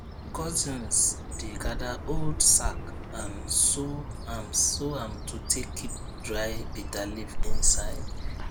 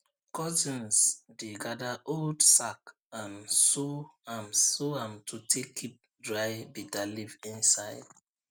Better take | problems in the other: second | background sound (Bird); 1 dB below the speech

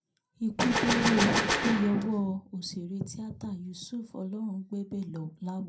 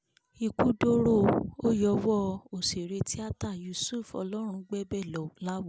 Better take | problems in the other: second | background sound (Gunshot, gunfire); 1 dB above the speech // room echo; dies away in 0.2 s

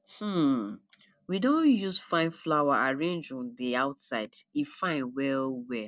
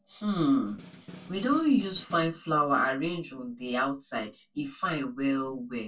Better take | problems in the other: first | background sound (Snare drum); 19 dB below the speech // room echo; dies away in 0.2 s

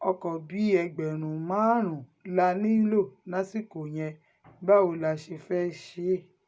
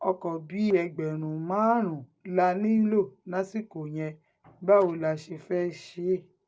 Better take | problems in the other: first | noise reduction (neural separator model SepFormer DNS4)

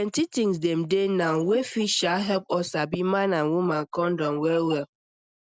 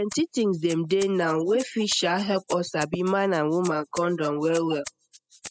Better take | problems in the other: first | noise reduction (classical method spectral subtraction)

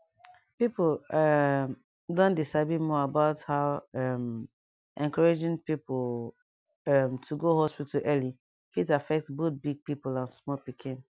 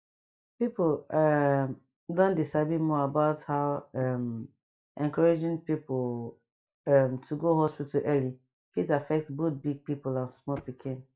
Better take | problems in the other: first | noise reduction (neural mask model DeepFilterNet 3)

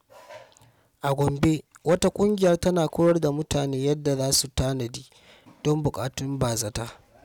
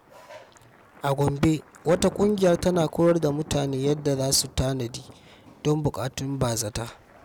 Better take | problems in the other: first | background sound (Thunder); 19 dB below the speech

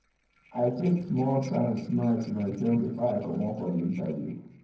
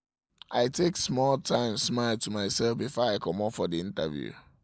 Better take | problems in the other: second | noise reduction (neural separator model SepFormer DNS4)

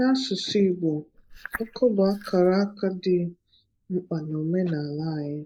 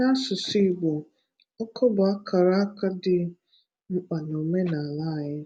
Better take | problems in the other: second | noise reduction (neural mask model Resemble Enhance denoiser)

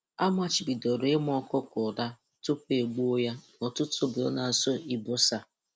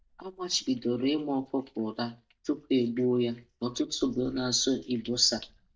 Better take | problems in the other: first | noise reduction (neural mask model DeepFilterNet 3)

